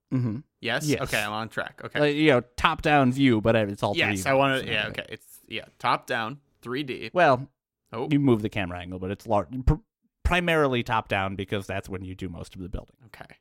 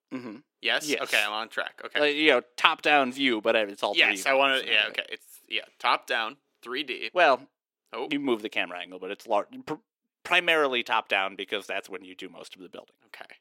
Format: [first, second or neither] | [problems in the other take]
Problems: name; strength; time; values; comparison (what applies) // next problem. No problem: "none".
first | thin; somewhat; fading below 350 Hz